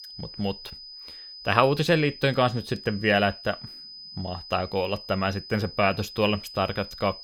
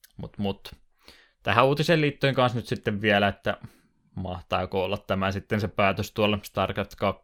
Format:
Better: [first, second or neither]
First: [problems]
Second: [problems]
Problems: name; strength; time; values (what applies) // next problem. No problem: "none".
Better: second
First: high-pitched whine; noticeable; throughout; 5 kHz, 15 dB below the speech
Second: none